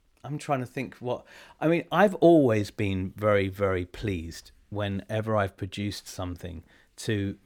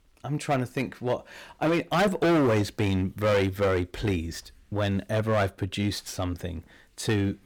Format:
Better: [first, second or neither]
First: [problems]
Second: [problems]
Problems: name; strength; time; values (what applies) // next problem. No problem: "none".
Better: first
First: none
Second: distortion; heavy; 9% of the sound clipped